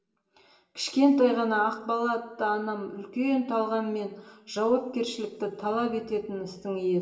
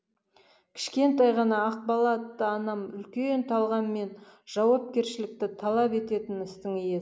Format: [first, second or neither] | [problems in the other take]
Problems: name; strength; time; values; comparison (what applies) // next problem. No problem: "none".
second | room echo; dies away in 1.3 s